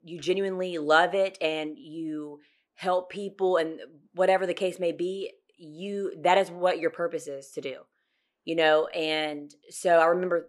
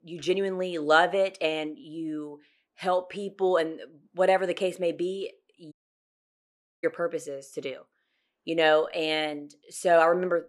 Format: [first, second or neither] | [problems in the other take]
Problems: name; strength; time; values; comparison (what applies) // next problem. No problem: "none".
first | audio cutting out; at 5.5 s for 1 s